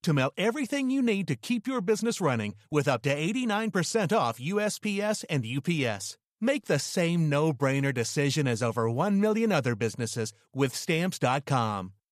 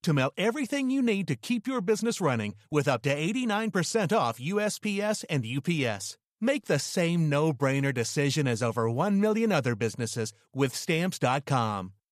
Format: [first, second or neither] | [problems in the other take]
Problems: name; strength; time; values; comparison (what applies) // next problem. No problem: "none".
neither | none